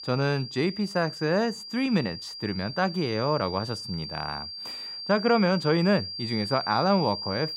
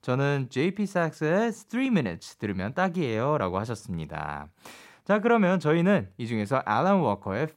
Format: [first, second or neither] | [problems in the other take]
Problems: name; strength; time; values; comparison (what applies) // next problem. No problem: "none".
second | high-pitched whine; loud; throughout; 4.5 kHz, 8 dB below the speech